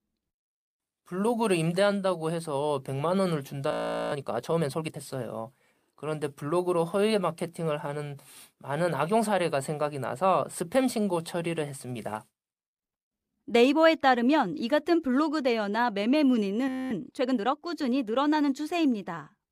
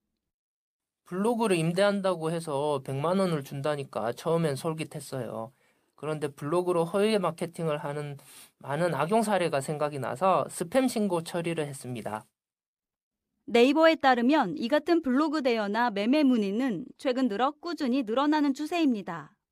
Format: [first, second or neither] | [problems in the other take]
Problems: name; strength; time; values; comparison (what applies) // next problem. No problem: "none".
second | audio freezing; at 3.5 s and at 17 s